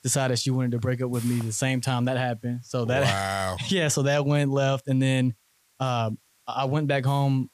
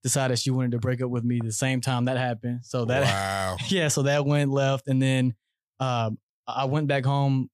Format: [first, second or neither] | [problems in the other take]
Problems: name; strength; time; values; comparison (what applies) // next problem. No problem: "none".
second | hiss; faint; throughout; 25 dB below the speech